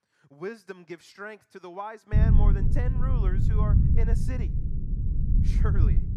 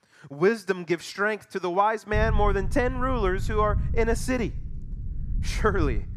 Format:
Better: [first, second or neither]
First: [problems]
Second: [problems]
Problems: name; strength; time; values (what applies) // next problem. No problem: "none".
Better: second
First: low rumble; loud; from 2 s on; 1 dB below the speech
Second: low rumble; faint; from 2 s on; 20 dB below the speech